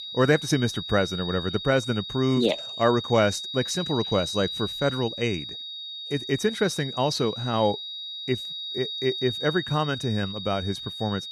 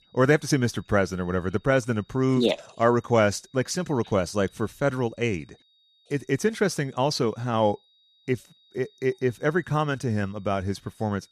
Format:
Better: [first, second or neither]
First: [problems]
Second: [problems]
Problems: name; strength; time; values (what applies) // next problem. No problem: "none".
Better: second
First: high-pitched whine; loud; throughout; 4 kHz, 6 dB below the speech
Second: high-pitched whine; faint; throughout; 4 kHz, 35 dB below the speech